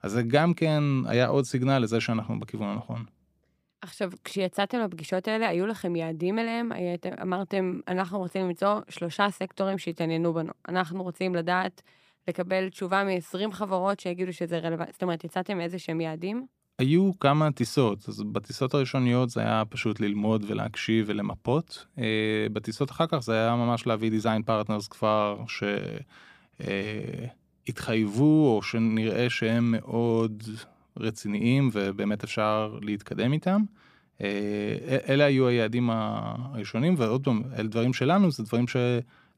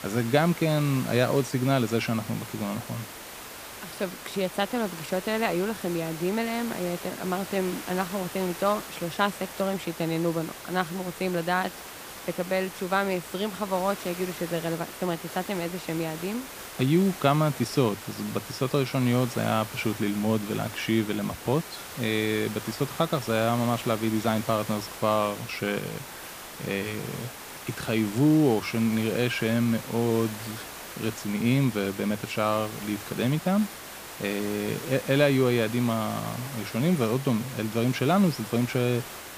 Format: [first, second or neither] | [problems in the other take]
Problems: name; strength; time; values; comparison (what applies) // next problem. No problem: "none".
first | hiss; noticeable; throughout; 10 dB below the speech